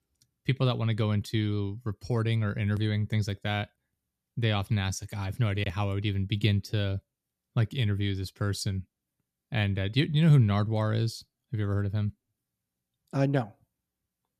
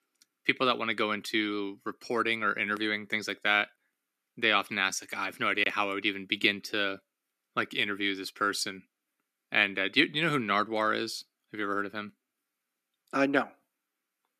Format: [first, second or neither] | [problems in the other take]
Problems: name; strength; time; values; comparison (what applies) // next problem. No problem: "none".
first | thin; very; fading below 300 Hz